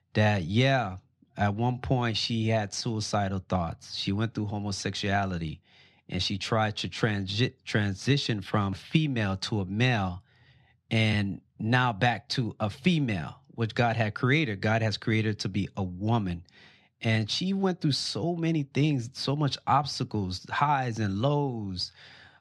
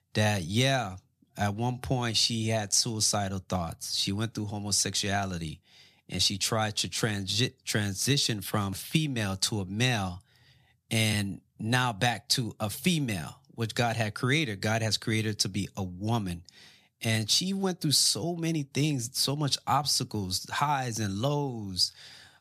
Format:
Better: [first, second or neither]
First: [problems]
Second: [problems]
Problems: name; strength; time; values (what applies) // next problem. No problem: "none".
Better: second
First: muffled; slightly; fading above 3 kHz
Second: none